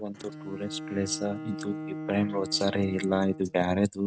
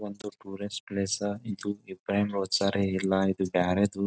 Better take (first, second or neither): second